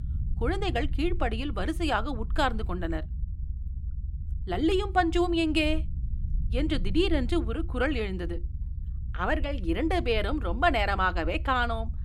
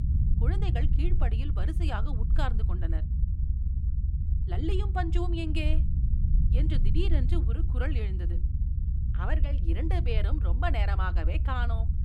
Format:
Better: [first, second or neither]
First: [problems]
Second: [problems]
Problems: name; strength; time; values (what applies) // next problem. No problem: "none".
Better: first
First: low rumble; faint; throughout; 25 dB below the speech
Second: low rumble; loud; throughout; 9 dB below the speech